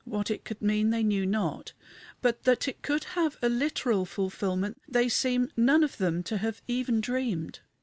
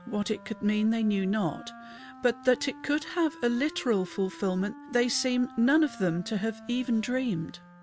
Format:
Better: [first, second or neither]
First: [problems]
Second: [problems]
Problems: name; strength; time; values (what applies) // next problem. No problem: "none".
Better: first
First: none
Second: background sound (Wind instrument, woodwind instrument); 18 dB below the speech